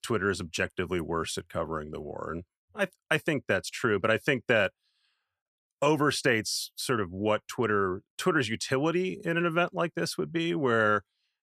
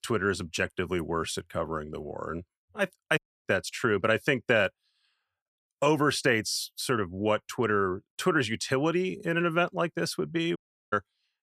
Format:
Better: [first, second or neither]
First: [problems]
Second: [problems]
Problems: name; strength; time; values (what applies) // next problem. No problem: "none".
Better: first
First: none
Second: audio cutting out; at 3 s and at 11 s